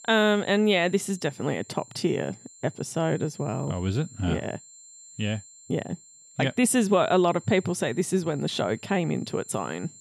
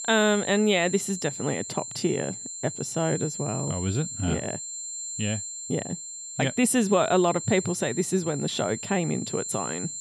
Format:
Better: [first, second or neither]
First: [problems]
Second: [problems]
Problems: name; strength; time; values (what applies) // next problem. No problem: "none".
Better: first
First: high-pitched whine; faint; throughout; 7.5 kHz, 20 dB below the speech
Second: high-pitched whine; loud; throughout; 7.5 kHz, 7 dB below the speech